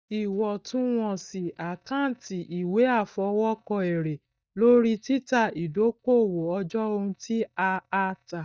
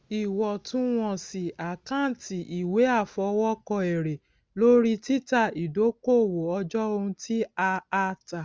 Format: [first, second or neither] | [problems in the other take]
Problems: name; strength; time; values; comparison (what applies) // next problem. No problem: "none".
second | noise reduction (neural mask model DeepFilterNet 3)